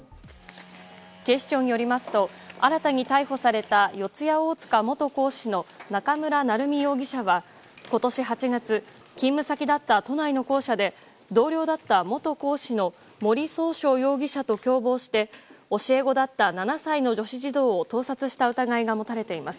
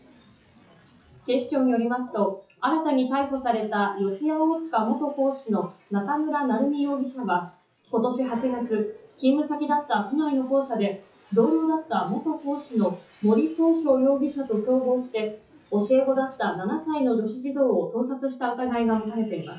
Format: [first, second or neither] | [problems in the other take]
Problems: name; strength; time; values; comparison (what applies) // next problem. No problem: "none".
first | noise reduction (classical method WPE with log-MMSE)